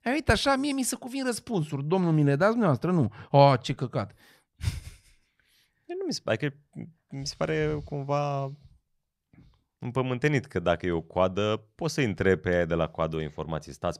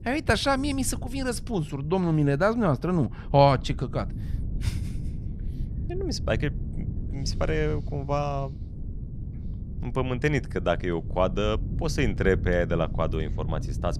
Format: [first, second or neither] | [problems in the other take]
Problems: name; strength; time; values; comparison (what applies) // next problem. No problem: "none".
first | wind noise on the microphone; occasional gusts; 20 dB below the speech